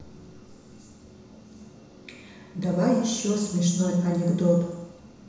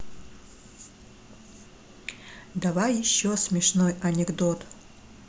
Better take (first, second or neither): second